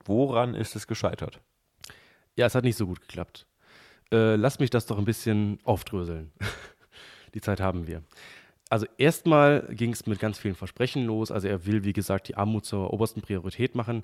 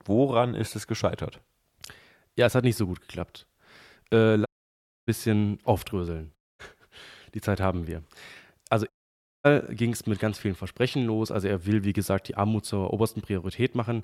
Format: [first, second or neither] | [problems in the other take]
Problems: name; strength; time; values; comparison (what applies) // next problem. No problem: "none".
first | audio cutting out; at 4.5 s for 0.5 s, at 6.5 s and at 9 s for 0.5 s